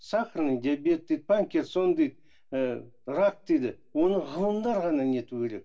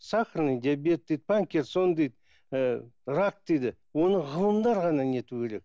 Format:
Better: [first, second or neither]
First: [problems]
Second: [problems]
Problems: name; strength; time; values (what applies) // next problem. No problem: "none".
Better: second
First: room echo; dies away in 0.2 s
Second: none